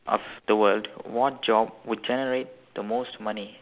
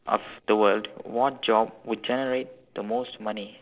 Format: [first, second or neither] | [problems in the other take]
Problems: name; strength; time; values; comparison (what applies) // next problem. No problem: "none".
first | noise reduction (neural separator model SepFormer DNS4)